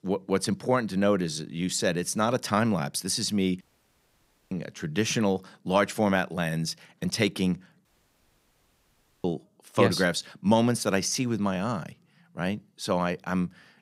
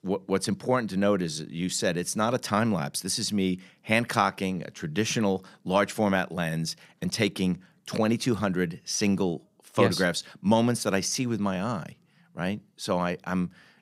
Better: second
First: audio cutting out; at 3.5 s for 1 s and at 8 s for 1.5 s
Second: none

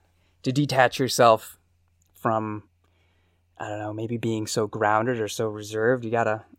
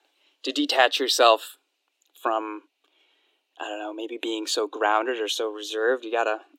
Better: first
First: none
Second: thin; very slightly; fading below 300 Hz

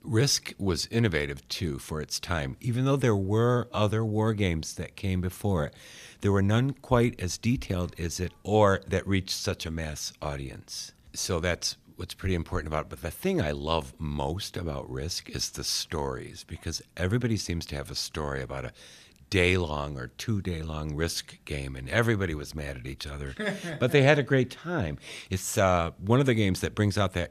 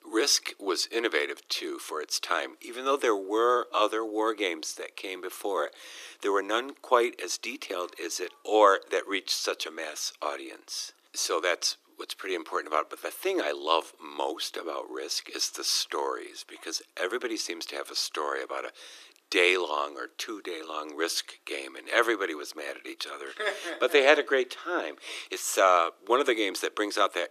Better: first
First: none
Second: thin; very; fading below 300 Hz

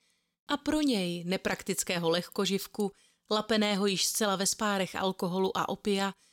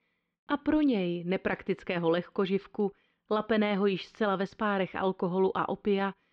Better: first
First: none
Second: muffled; very; fading above 2.5 kHz

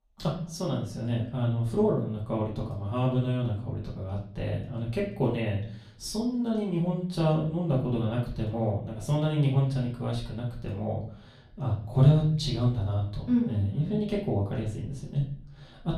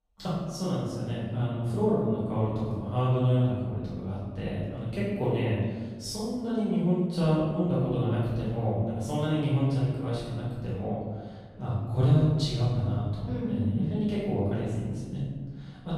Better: first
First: room echo; slight; dies away in 0.5 s // off-mic speech; far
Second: room echo; strong; dies away in 1.4 s // off-mic speech; far

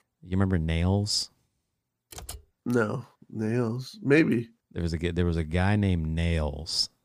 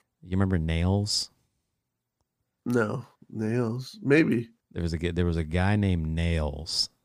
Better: second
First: keyboard typing; faint; at 2 s; peak 15 dB below the speech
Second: none

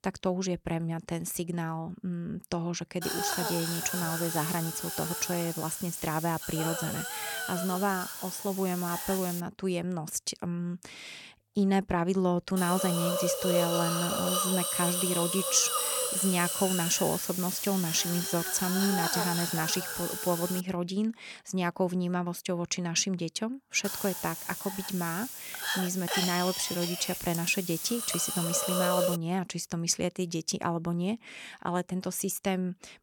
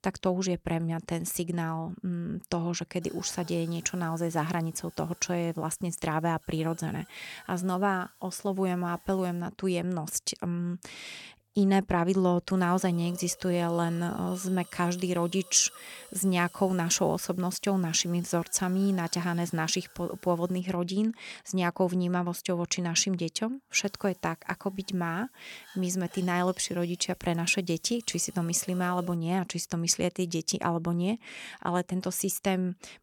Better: second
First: hiss; loud; from 3 to 9.5 s, from 13 to 21 s and from 24 to 29 s; 1 dB below the speech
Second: hiss; faint; from 3 to 9.5 s, from 13 to 21 s and from 24 to 29 s; 20 dB below the speech

